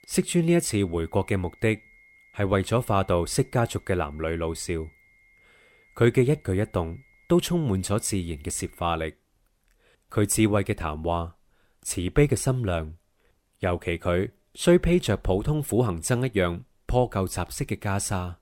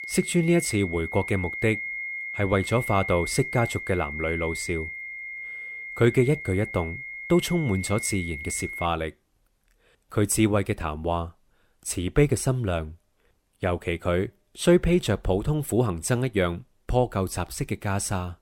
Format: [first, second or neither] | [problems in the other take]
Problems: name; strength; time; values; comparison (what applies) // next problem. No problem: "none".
first | high-pitched whine; loud; until 9 s; 2 kHz, 7 dB below the speech; faint in the first